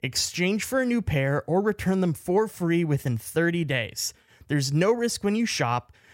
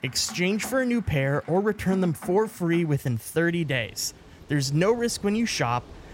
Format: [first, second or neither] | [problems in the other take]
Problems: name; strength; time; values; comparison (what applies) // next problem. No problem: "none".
first | rain or running water; noticeable; throughout; 20 dB below the speech